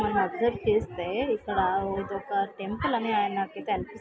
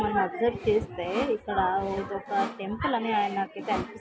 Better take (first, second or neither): first